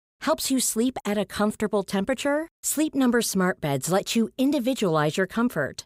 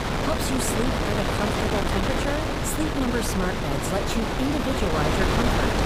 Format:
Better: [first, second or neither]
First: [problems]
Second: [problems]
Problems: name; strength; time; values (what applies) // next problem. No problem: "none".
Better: first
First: none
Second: wind noise on the microphone; heavy; 4 dB above the speech